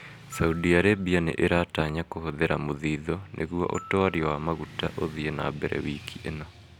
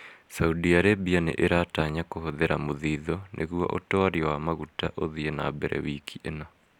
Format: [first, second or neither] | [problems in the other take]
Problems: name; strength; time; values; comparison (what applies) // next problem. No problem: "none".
second | background sound (Glockenspiel + Motorcycle / Traffic noise, roadway noise); 19 dB below the speech